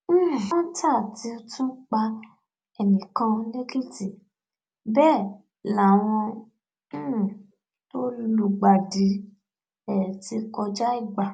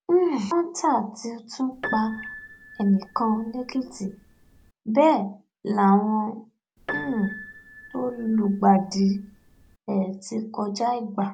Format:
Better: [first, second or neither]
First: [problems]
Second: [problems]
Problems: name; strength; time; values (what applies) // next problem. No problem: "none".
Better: first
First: none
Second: background sound (Piano); 15 dB below the speech